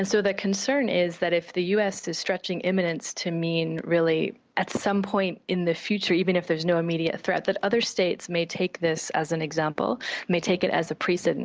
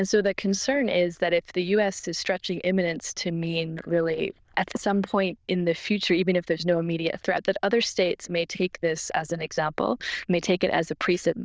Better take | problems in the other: first | noise reduction (neural diffusion model UNIVERSE++)

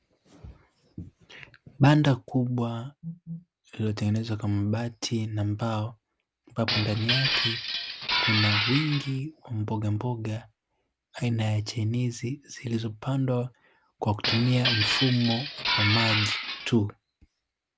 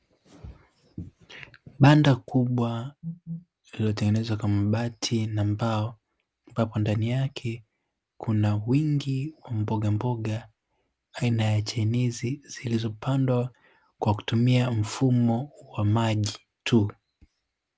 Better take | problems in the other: second | background sound (Glass); as loud as the speech

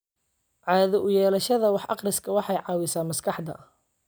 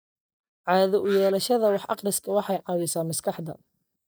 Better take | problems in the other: first | noise reduction (neural mask model DeepFilterNet 3)

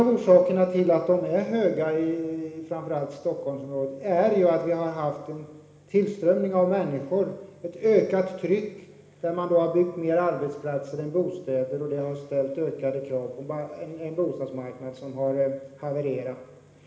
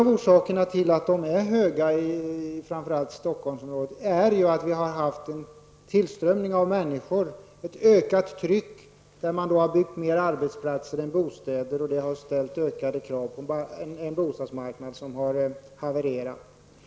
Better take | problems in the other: second | room echo; dies away in 1.1 s

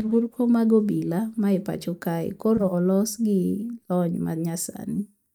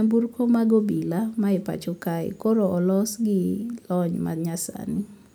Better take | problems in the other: second | noise reduction (neural mask model DeepFilterNet 3)

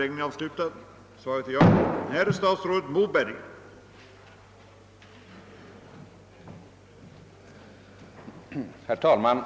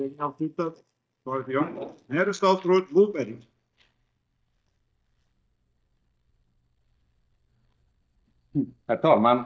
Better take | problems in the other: first | noise reduction (neural mask model DeepFilterNet 3)

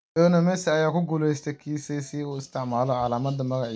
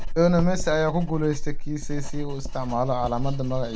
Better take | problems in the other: first | background sound (Writing); 2 dB below the speech

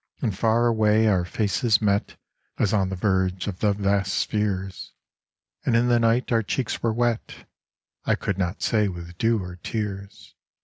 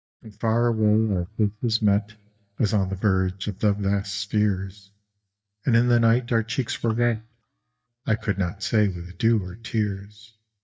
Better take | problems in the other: first | noise reduction (neural mask model DeepFilterNet 3)

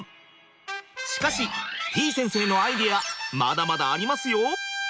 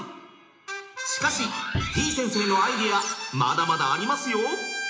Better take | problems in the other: first | background sound (Cupboard open or close); 4 dB below the speech // room echo; dies away in 0.8 s

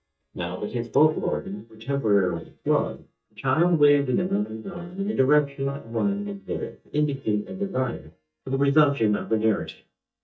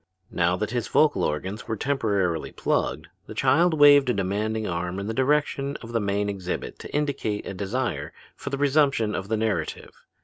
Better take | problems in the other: second | noise reduction (neural mask model DeepFilterNet 3)

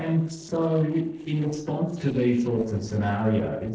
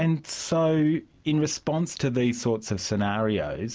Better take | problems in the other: second | noise reduction (neural separator model SepFormer DNS4)

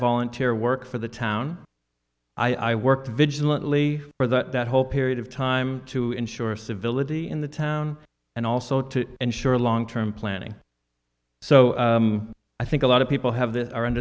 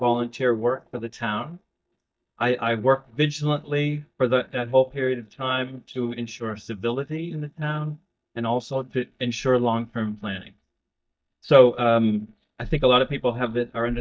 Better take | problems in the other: first | noise reduction (neural mask model DeepFilterNet 3)

